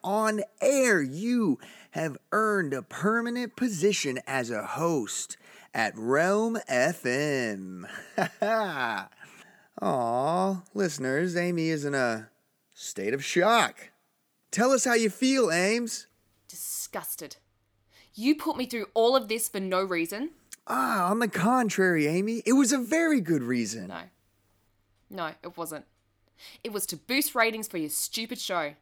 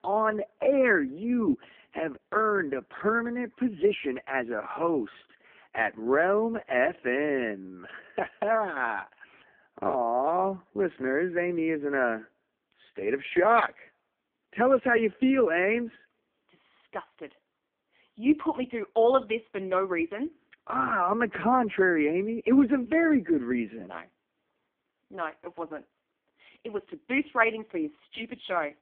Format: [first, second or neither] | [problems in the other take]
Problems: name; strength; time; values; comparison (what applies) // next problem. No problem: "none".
first | phone-call audio; poor line